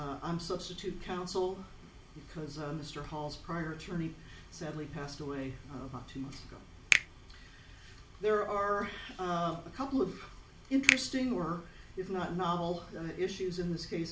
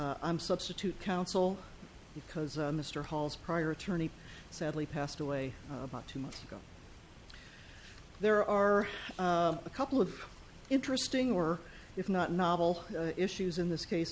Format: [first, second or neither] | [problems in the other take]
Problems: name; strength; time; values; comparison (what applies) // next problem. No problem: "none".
second | background sound (Finger snapping); as loud as the speech // room echo; dies away in 0.4 s